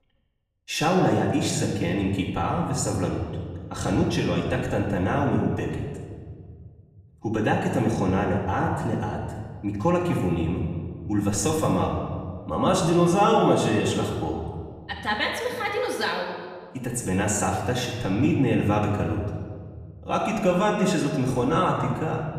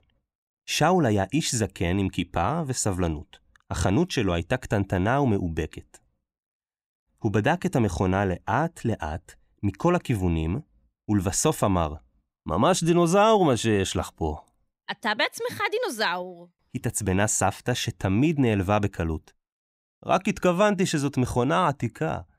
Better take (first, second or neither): second